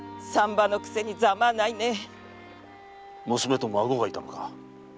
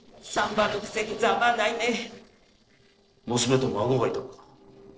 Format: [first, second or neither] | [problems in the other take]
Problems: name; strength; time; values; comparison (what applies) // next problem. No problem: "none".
first | noise reduction (neural separator model SepFormer DNS4)